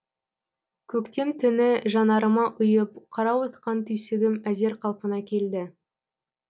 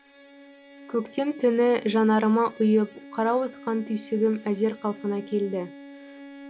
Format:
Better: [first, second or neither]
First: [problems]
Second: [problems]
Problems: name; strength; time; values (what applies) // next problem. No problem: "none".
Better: first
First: none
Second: background sound (Bowed string instrument); 20 dB below the speech